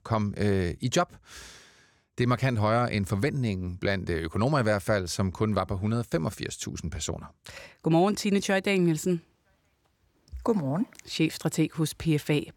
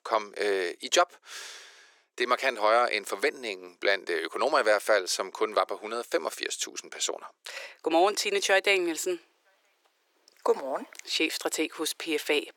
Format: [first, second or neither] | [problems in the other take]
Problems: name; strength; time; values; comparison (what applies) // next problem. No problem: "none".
first | thin; very; fading below 400 Hz